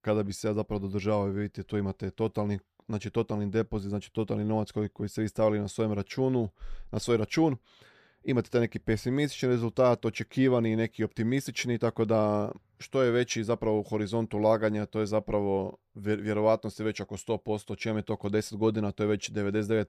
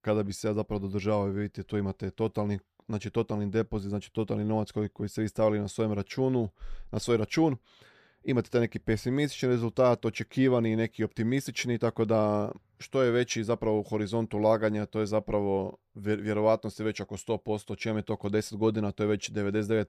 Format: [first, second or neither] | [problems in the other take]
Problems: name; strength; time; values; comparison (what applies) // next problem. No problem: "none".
neither | none